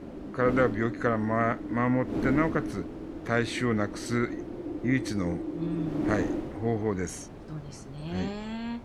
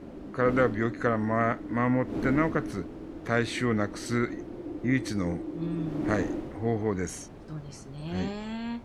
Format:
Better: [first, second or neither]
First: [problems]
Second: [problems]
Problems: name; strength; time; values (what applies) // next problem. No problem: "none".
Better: second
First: wind noise on the microphone; heavy; 8 dB below the speech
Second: wind noise on the microphone; occasional gusts; 10 dB below the speech